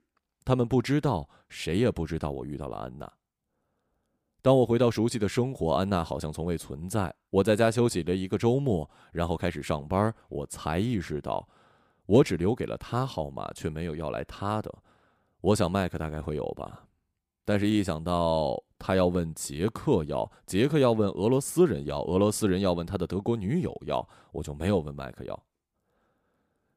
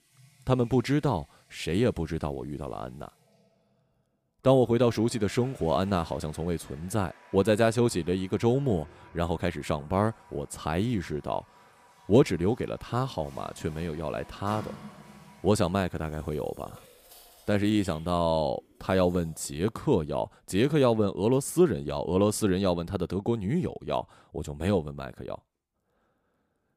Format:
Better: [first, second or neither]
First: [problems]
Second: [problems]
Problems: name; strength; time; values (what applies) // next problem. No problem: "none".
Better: first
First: none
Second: household noises; faint; until 20 s; 25 dB below the speech